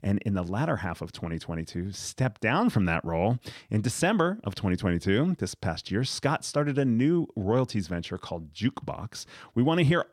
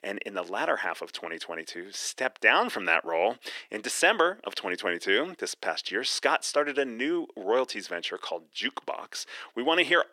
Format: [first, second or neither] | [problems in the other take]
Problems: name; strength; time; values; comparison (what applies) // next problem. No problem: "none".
first | thin; very; fading below 350 Hz